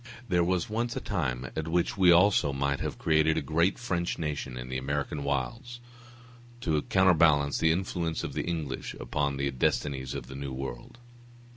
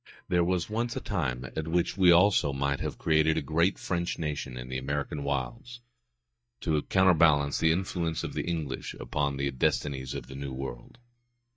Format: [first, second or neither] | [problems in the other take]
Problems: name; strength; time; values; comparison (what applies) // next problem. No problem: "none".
first | noise reduction (neural mask model DeepFilterNet 3)